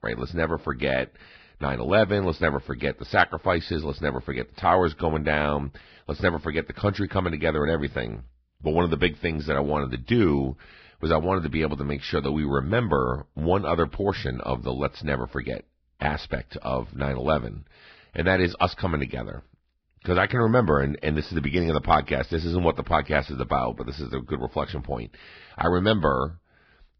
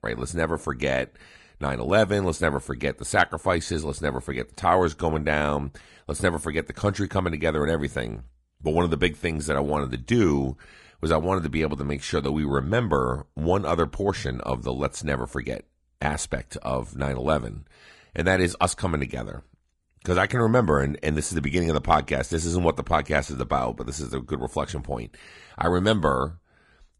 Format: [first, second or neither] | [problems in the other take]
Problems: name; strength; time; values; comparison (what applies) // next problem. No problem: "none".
second | garbled, watery; badly; nothing above 5 kHz; slightly in the second